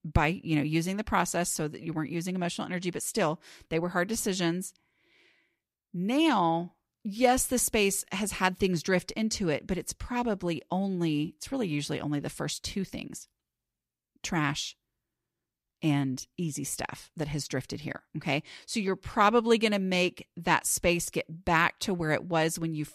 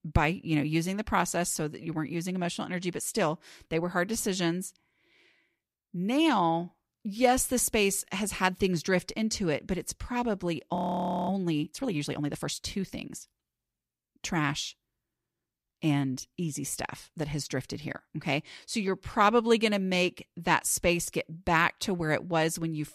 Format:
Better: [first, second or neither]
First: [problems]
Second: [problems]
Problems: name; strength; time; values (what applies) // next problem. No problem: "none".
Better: first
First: none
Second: audio freezing; at 11 s for 0.5 s